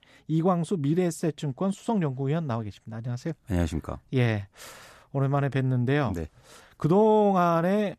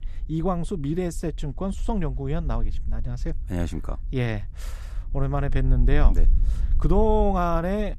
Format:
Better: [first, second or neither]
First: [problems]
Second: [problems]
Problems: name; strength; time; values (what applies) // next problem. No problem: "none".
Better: first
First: none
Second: low rumble; faint; throughout; 25 dB below the speech